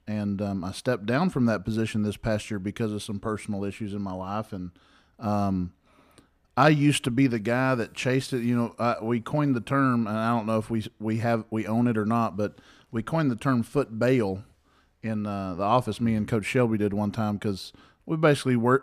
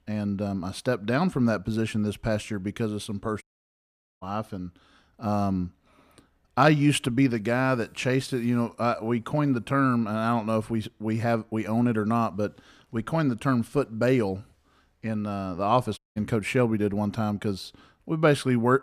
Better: first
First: none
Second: audio cutting out; at 3.5 s for 1 s and at 16 s

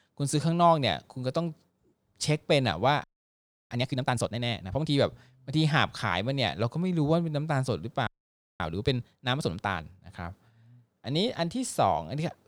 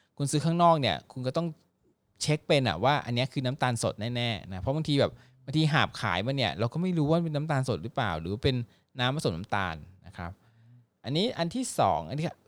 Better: second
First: audio freezing; at 3 s for 0.5 s and at 8 s for 0.5 s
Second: none

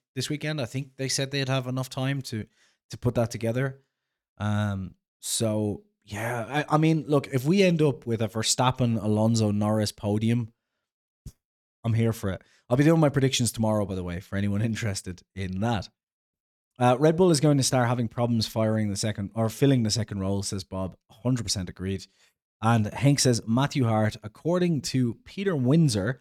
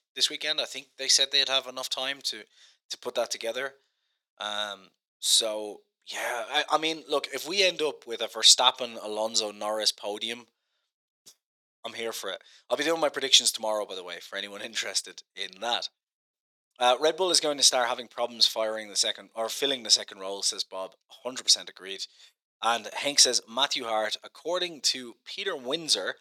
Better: first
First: none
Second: thin; very; fading below 500 Hz

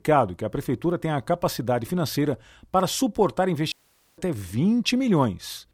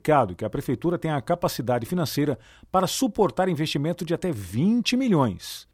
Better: second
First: audio cutting out; at 3.5 s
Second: none

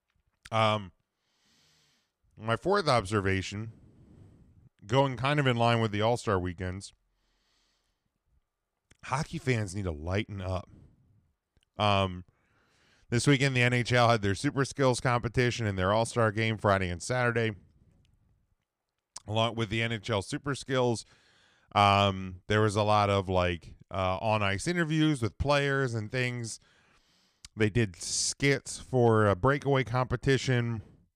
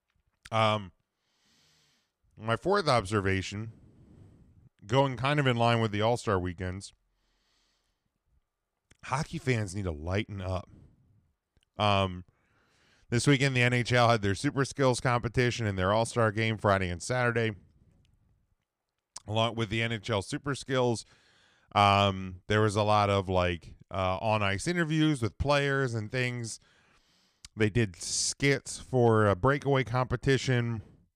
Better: neither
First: none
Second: none

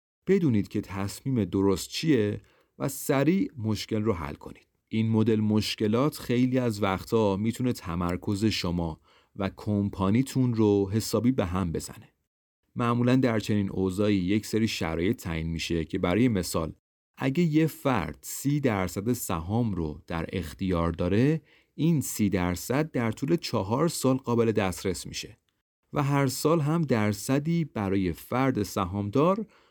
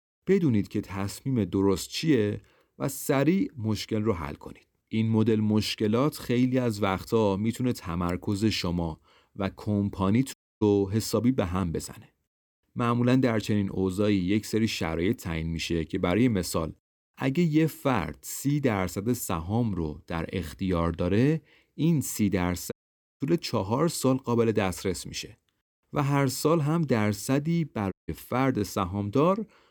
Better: first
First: none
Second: audio cutting out; at 10 s, at 23 s and at 28 s

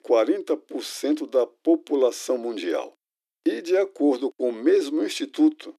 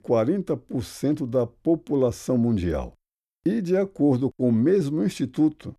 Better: second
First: thin; somewhat; fading below 300 Hz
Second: none

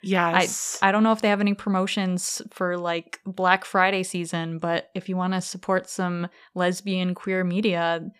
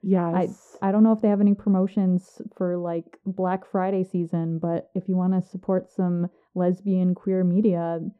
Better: first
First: none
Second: muffled; very; fading above 1 kHz

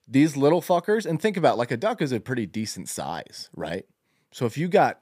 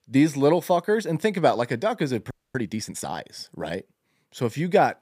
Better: first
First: none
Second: audio freezing; at 2.5 s

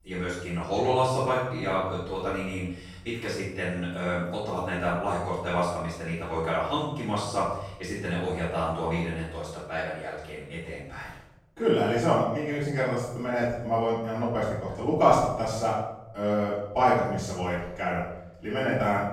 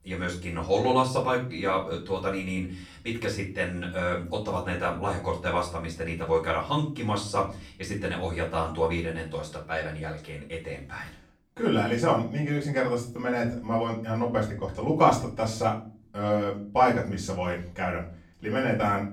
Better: second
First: room echo; strong; dies away in 0.7 s // off-mic speech; far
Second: room echo; slight; dies away in 0.4 s // off-mic speech; far

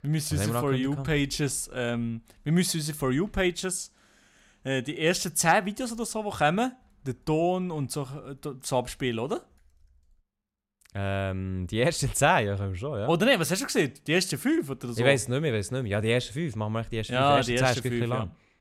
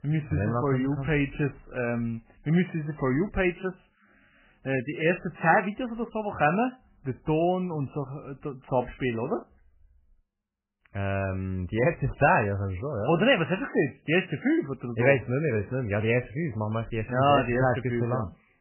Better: first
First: none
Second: garbled, watery; badly; nothing above 3 kHz

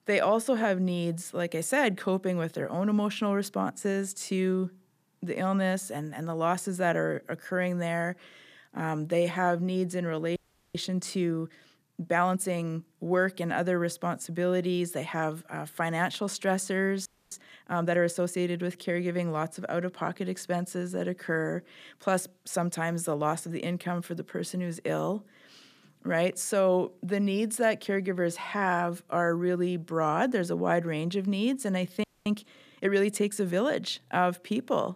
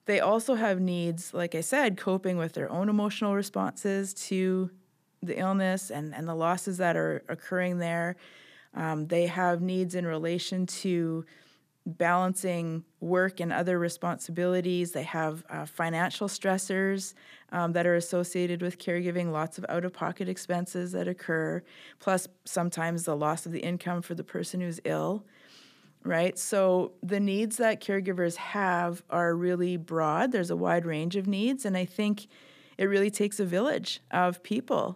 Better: second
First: audio freezing; at 10 s, at 17 s and at 32 s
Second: none

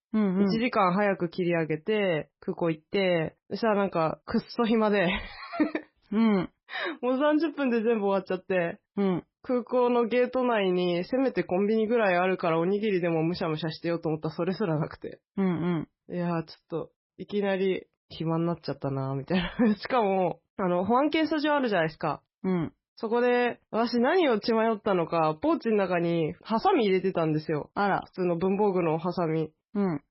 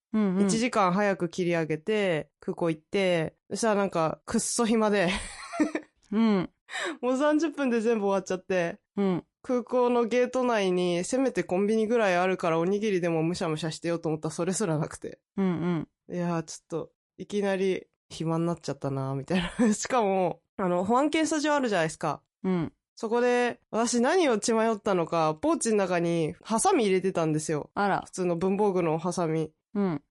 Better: second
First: garbled, watery; badly; nothing above 5.5 kHz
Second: garbled, watery; slightly; nothing above 11 kHz

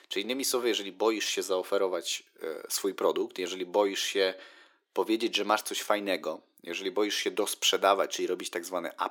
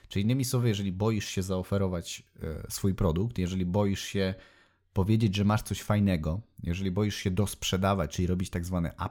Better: second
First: thin; very; fading below 300 Hz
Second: none

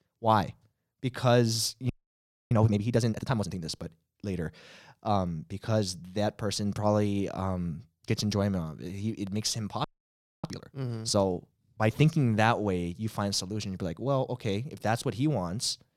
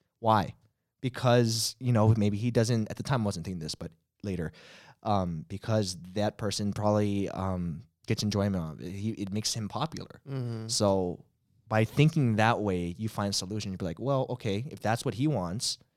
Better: second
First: audio freezing; at 2 s for 0.5 s and at 10 s for 0.5 s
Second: none

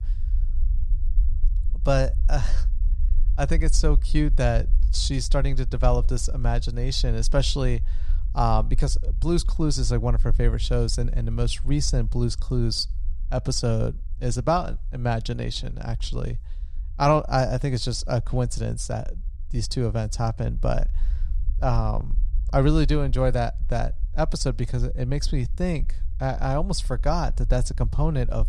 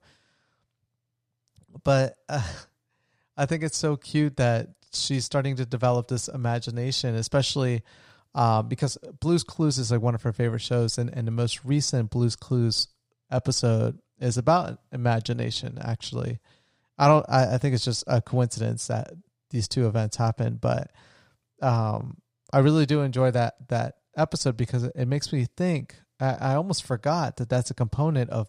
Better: second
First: low rumble; faint; throughout; 25 dB below the speech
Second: none

